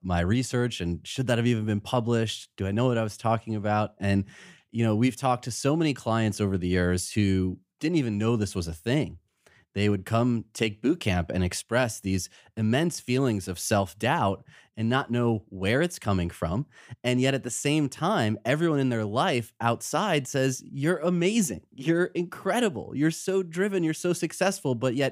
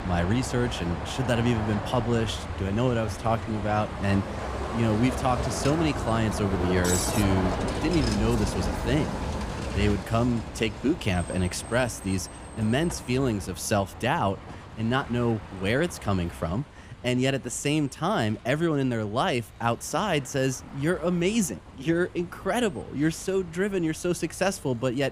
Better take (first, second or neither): first